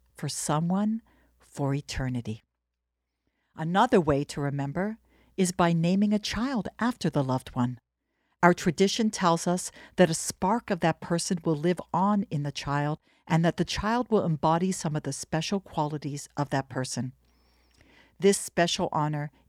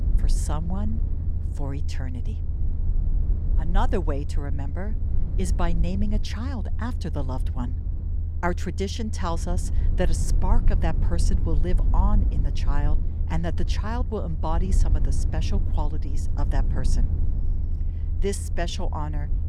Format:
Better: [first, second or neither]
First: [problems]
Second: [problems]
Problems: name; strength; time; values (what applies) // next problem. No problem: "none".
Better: first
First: none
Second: low rumble; noticeable; throughout; 10 dB below the speech